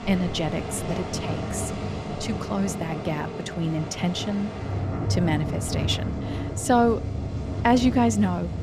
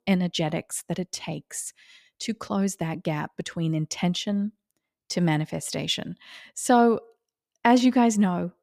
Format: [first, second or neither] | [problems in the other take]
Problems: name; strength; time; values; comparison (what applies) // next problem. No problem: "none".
second | rain or running water; loud; throughout; 5 dB below the speech